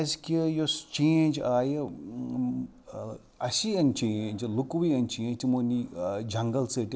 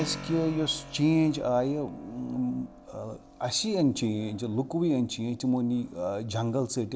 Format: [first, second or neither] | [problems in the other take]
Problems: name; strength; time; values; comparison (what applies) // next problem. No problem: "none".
first | background sound (Keyboard (musical)); 18 dB below the speech